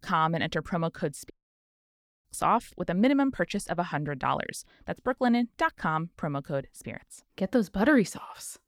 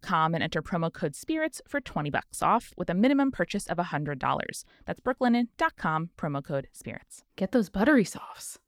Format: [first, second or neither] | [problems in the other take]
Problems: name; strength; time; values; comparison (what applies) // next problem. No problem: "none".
second | audio cutting out; at 1.5 s for 1 s